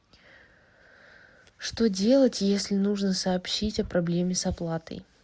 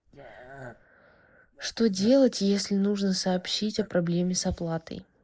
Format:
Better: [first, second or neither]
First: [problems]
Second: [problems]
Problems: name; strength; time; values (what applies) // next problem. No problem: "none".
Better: first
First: none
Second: noise reduction (neural mask model Resemble Enhance denoiser)